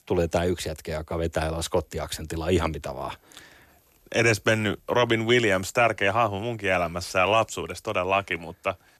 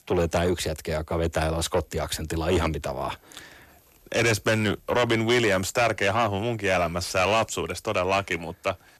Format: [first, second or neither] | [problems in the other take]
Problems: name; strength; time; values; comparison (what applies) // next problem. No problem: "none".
first | distortion; slight; 10 dB below the speech